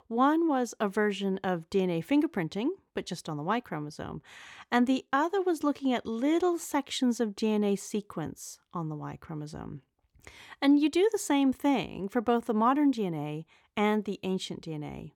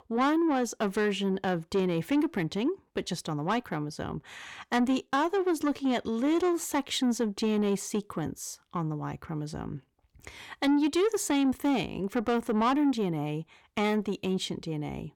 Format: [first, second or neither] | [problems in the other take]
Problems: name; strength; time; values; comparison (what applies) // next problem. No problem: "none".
first | distortion; slight; 10 dB below the speech